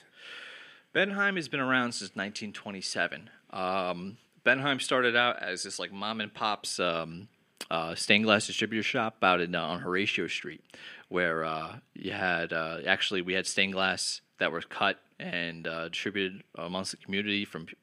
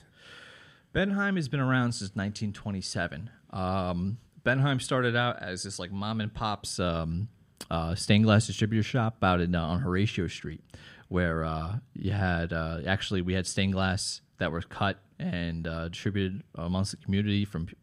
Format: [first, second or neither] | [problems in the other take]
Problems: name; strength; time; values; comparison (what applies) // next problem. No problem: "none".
second | thin; somewhat; fading below 350 Hz